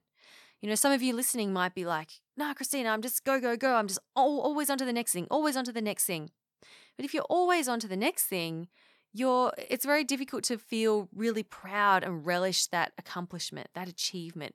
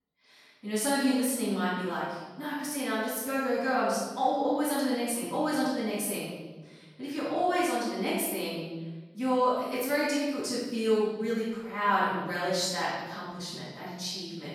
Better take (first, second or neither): first